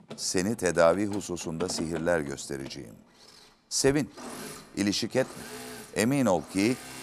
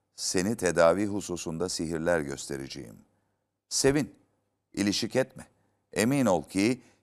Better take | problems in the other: second | machinery noise; noticeable; throughout; 15 dB below the speech

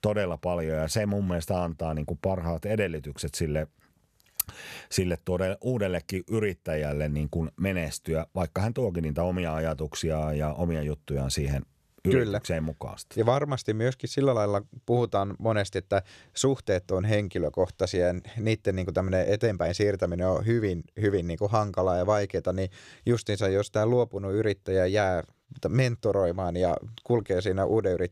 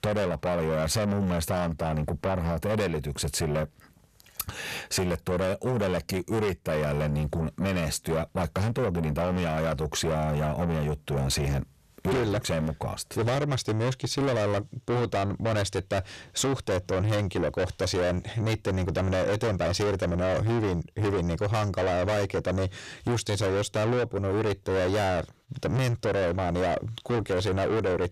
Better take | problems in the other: first | distortion; heavy; 6 dB below the speech

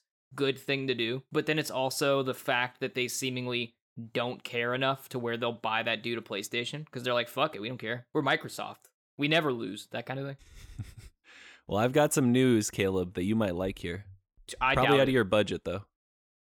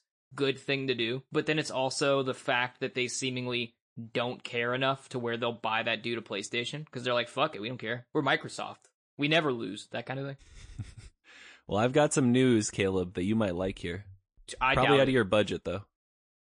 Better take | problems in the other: first | garbled, watery; slightly; nothing above 9.5 kHz

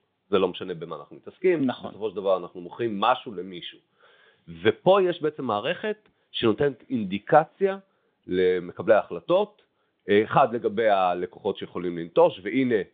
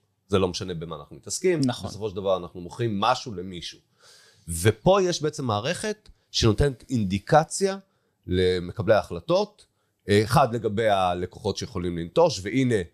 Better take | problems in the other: second | phone-call audio; nothing above 3.5 kHz

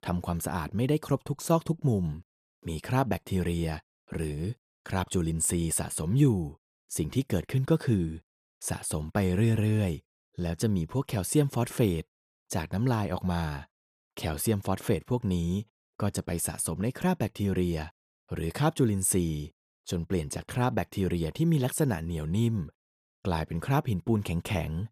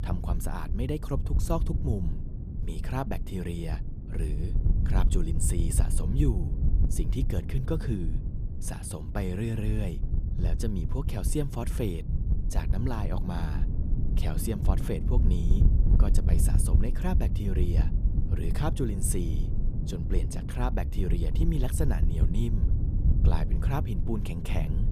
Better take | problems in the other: first | wind noise on the microphone; heavy; 6 dB below the speech

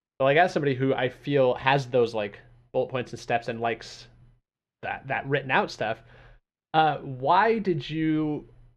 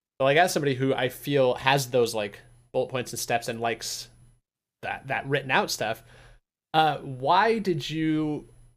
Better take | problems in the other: second | muffled; slightly; fading above 3 kHz

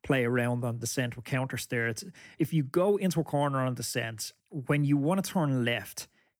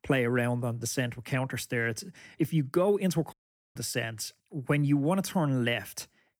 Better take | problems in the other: first | audio cutting out; at 3.5 s

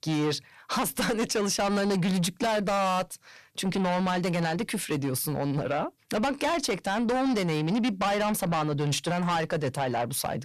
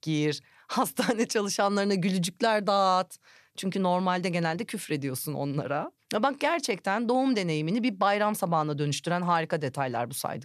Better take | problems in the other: second | distortion; heavy; 6 dB below the speech

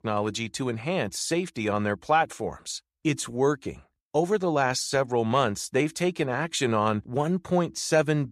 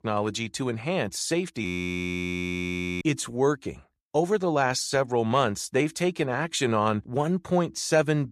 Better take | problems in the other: first | audio freezing; at 1.5 s for 1.5 s

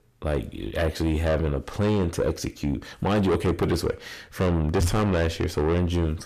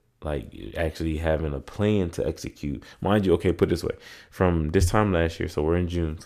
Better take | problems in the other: second | distortion; heavy; 6 dB below the speech

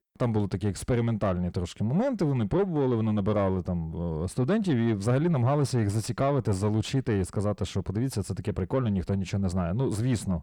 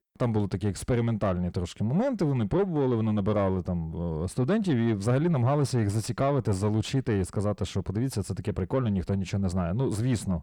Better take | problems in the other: neither | distortion; slight; 10 dB below the speech; the same in both

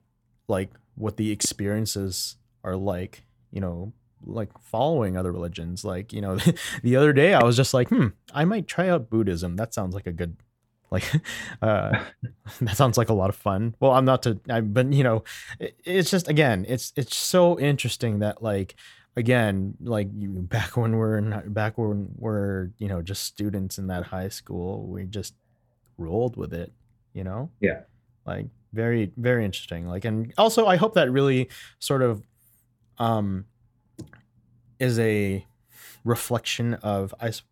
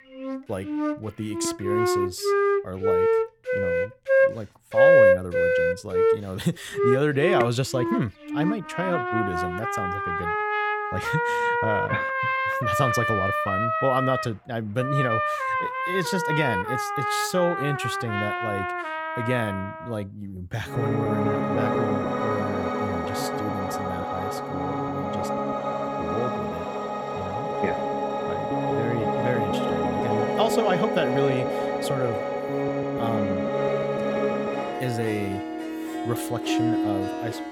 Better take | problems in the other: first | background music; very loud; throughout; 4 dB above the speech

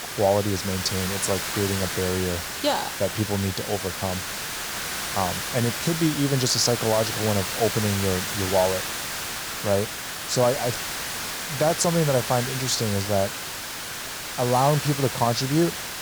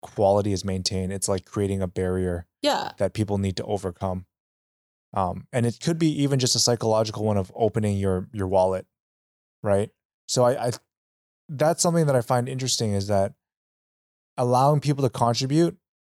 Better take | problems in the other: second | hiss; loud; throughout; 3 dB below the speech

